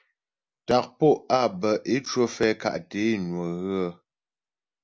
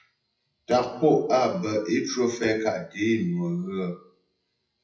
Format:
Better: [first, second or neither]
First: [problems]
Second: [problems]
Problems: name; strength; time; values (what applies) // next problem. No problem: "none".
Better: first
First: none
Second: noise reduction (classical method WPE with log-MMSE)